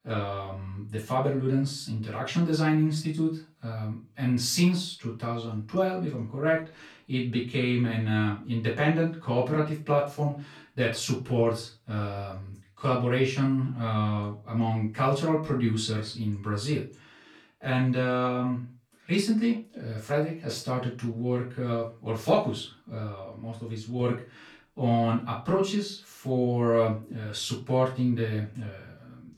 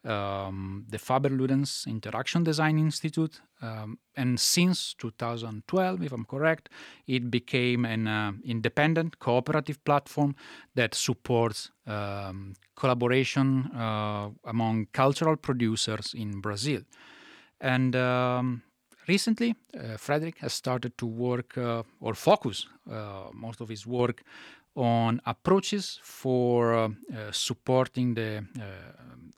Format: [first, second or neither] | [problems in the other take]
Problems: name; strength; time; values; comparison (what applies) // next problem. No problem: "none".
second | off-mic speech; far // room echo; slight; dies away in 0.3 s